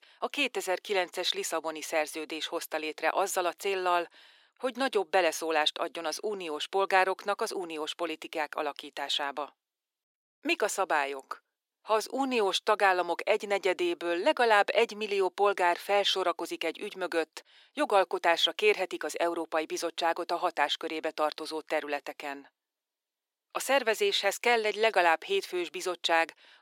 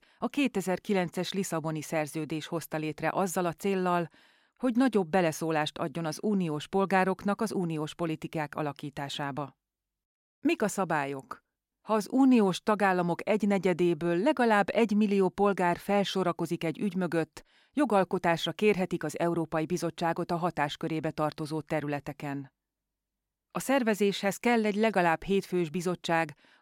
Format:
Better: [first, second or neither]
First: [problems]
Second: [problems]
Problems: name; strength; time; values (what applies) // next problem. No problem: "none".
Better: second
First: thin; very; fading below 400 Hz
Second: none